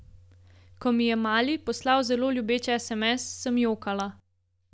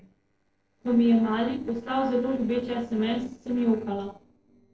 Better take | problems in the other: first | noise reduction (neural separator model SepFormer DNS4)

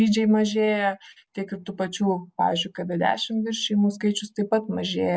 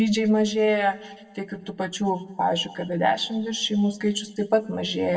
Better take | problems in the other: first | room echo; dies away in 1 s

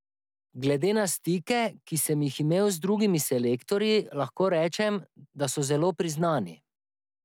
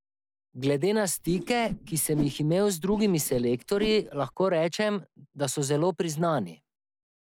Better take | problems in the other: first | noise reduction (neural mask model Resemble Enhance denoiser)

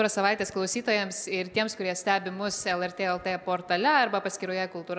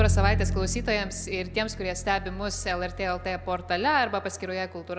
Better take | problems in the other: first | background sound (Bowed string instrument); 2 dB below the speech

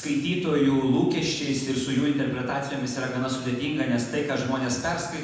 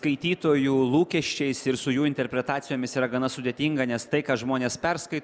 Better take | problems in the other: second | room echo; dies away in 1 s

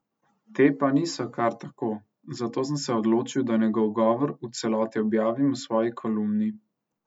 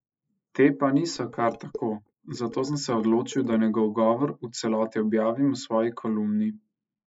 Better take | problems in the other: first | noise reduction (neural mask model Resemble Enhance denoiser)

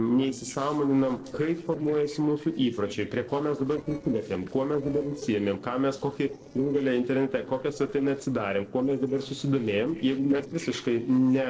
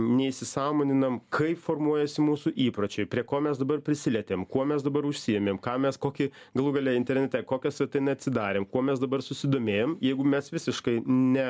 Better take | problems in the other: second | noise reduction (neural separator model SepFormer DNS4)

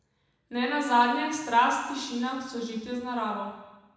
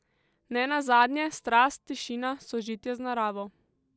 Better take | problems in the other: second | room echo; dies away in 1 s

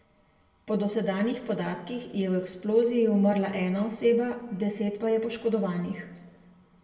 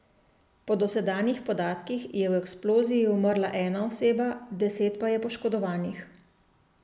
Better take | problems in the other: second | room echo; dies away in 1.3 s

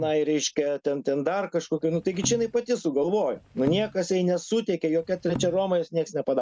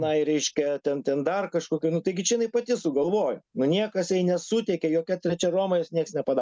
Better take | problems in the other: second | background sound (Percussion); 14 dB below the speech

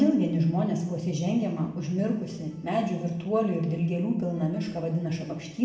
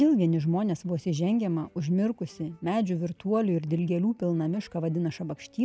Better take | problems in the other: second | room echo; dies away in 0.9 s

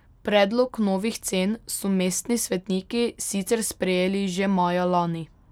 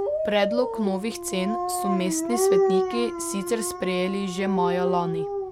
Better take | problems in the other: first | background sound (Dog); as loud as the speech

